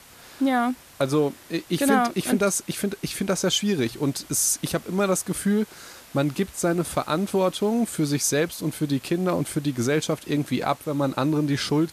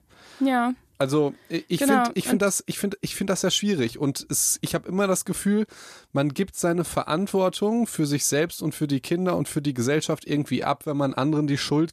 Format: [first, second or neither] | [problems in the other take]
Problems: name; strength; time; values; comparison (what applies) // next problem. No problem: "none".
second | hiss; faint; throughout; 20 dB below the speech